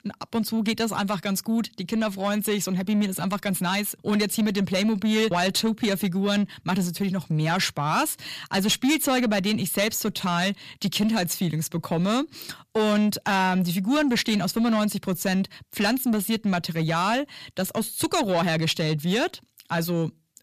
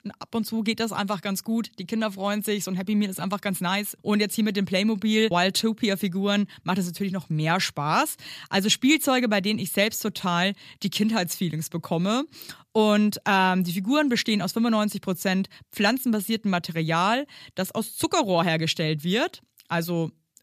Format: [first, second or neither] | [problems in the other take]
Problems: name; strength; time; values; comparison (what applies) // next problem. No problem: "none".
second | distortion; slight; 10 dB below the speech